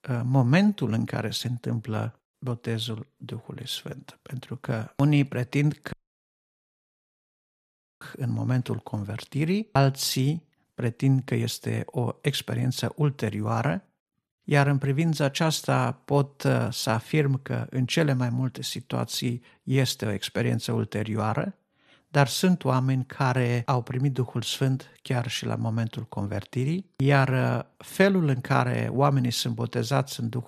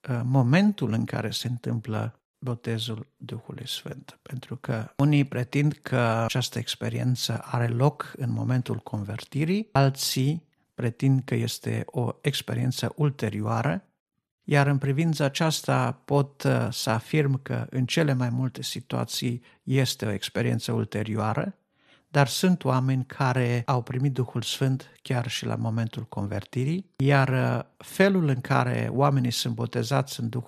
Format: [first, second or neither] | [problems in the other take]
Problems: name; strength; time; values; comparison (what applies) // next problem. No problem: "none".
second | audio cutting out; at 6 s for 2 s